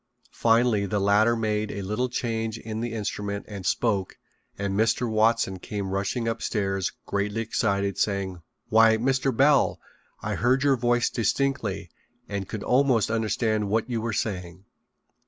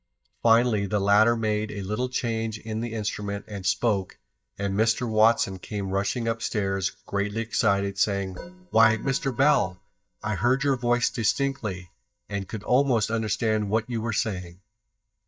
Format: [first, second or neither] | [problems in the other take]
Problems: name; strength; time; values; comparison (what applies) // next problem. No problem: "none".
first | noise reduction (neural mask model DeepFilterNet 3)